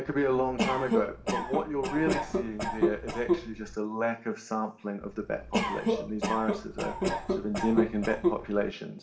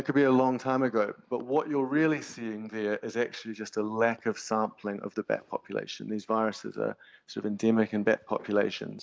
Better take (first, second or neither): second